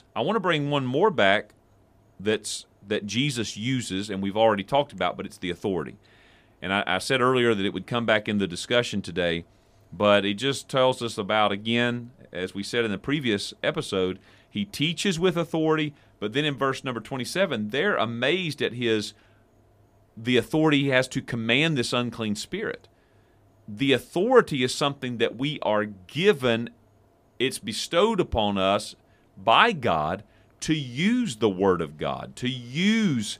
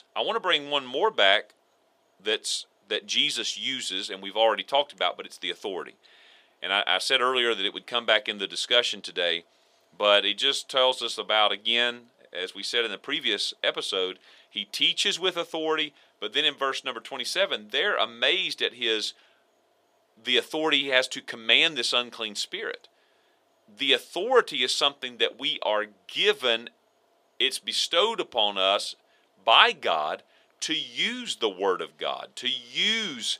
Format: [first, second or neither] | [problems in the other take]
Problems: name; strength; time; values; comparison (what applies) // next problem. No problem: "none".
first | thin; somewhat; fading below 500 Hz